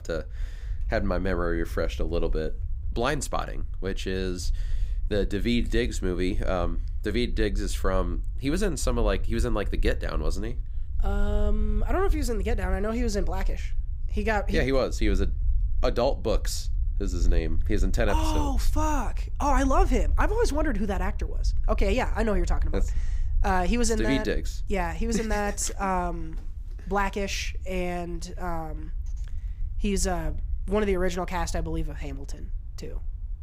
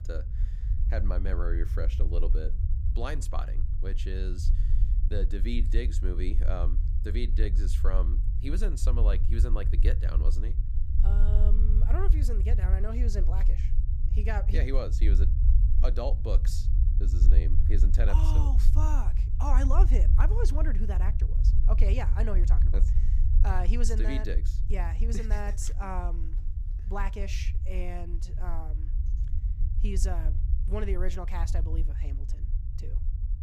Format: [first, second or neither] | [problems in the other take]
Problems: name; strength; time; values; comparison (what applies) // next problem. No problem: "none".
first | low rumble; loud; throughout; 9 dB below the speech; faint in the first